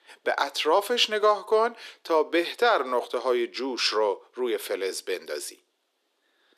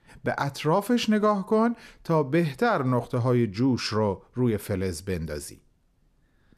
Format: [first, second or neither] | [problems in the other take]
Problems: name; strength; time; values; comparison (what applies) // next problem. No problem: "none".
second | thin; very; fading below 350 Hz